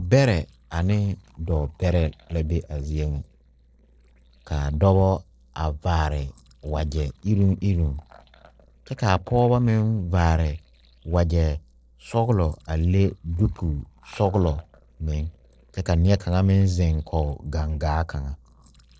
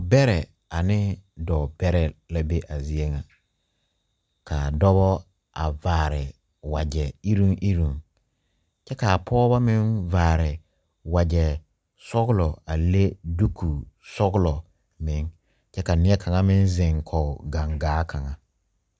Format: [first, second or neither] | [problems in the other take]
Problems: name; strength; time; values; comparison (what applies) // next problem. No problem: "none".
second | noise reduction (neural separator model SepFormer DNS4)